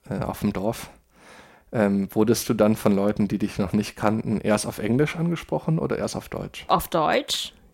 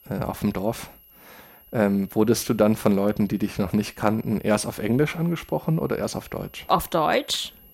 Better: first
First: none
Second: high-pitched whine; faint; throughout; 11.5 kHz, 25 dB below the speech

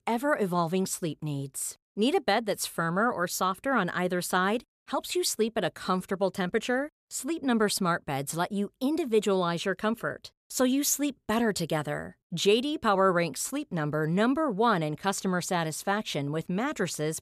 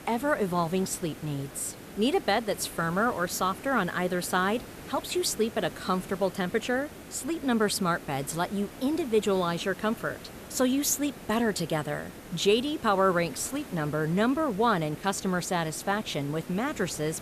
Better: first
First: none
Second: hiss; noticeable; throughout; 15 dB below the speech

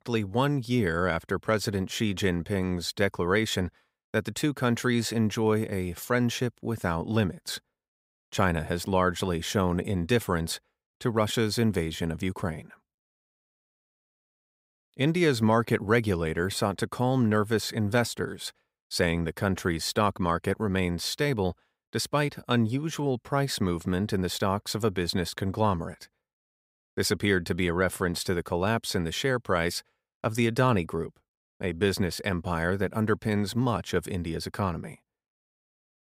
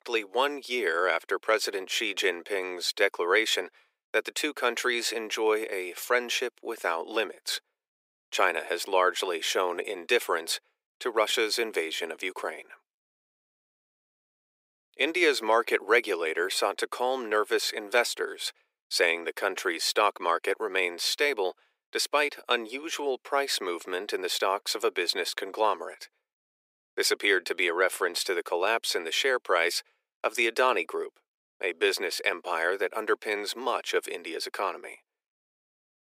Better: first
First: none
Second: thin; very; fading below 350 Hz

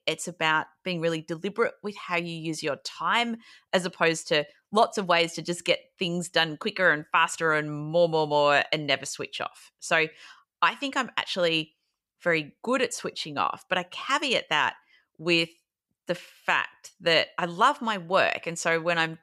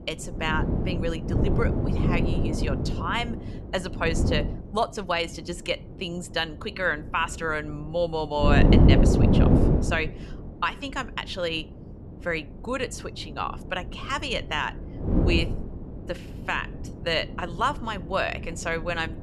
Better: first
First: none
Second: wind noise on the microphone; heavy; 2 dB below the speech

